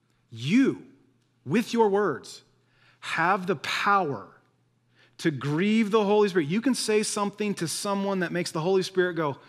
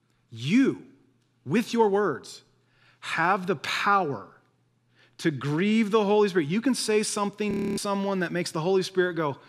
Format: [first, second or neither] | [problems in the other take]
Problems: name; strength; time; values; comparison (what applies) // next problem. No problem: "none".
first | audio freezing; at 7.5 s